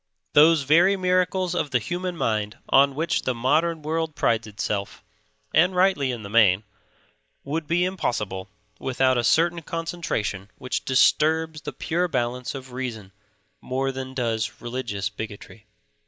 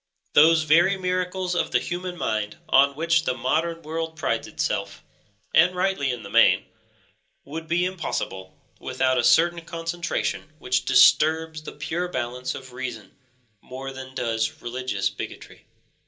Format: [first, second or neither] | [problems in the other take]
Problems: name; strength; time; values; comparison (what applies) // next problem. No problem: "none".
first | room echo; dies away in 0.2 s